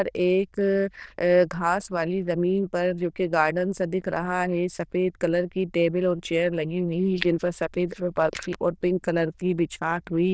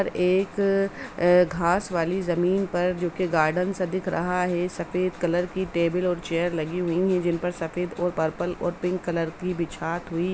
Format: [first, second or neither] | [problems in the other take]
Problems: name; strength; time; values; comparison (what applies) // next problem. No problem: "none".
second | noise reduction (neural diffusion model UNIVERSE++)